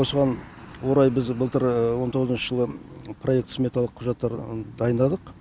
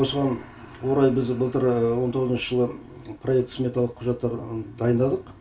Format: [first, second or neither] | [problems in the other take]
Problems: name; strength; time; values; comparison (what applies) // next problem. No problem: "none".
first | room echo; dies away in 0.3 s